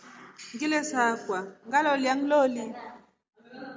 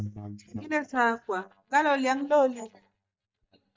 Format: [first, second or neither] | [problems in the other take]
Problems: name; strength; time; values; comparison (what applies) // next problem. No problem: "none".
first | noise reduction (neural mask model DeepFilterNet 3)